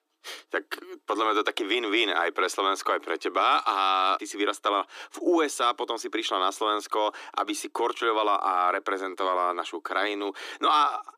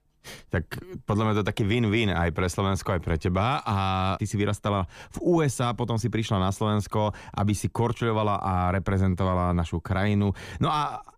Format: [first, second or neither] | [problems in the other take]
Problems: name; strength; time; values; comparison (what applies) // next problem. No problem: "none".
second | thin; very; fading below 300 Hz